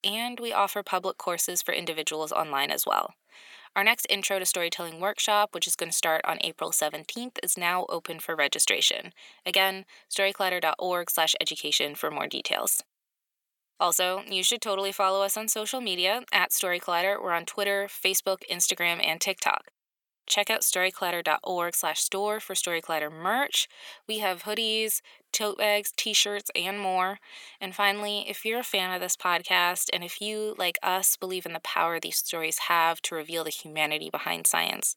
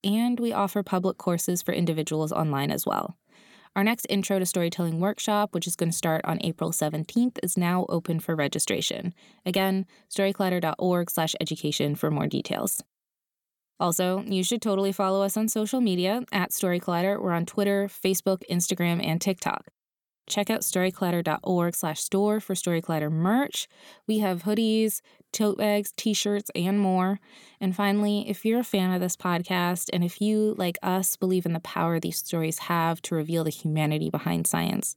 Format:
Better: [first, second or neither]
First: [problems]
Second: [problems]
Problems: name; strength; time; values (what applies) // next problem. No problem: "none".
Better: second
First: thin; very; fading below 650 Hz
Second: none